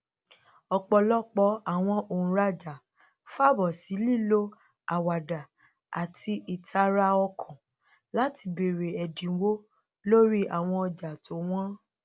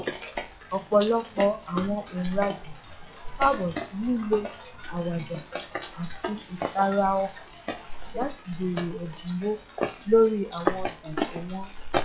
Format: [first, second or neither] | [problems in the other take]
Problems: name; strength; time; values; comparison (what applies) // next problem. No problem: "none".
first | noise reduction (classical method WPE with log-MMSE)